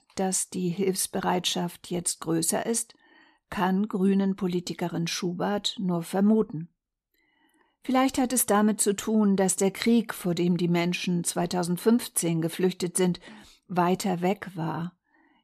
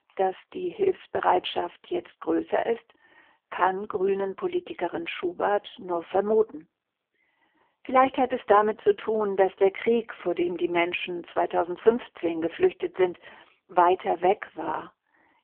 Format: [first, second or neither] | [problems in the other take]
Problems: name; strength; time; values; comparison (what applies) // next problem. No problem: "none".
first | phone-call audio; poor line; nothing above 3.5 kHz